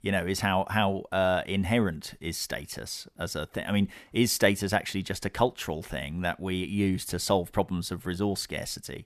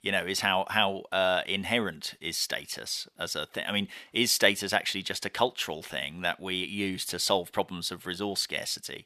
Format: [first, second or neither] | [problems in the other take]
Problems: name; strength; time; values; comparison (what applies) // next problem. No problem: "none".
first | thin; very slightly; fading below 850 Hz